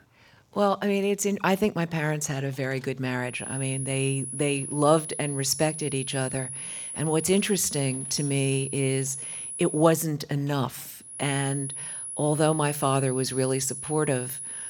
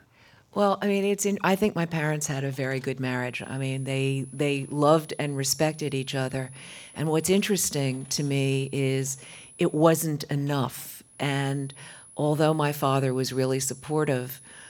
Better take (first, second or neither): second